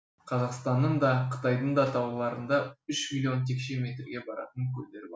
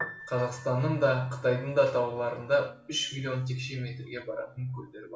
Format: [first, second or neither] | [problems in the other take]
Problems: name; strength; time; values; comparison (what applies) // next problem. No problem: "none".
first | background sound (Piano); 18 dB below the speech // room echo; dies away in 1.4 s